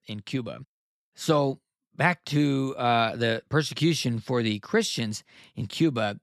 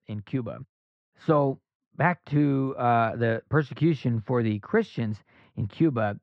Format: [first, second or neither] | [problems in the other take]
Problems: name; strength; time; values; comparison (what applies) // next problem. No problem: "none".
first | muffled; very; fading above 1.5 kHz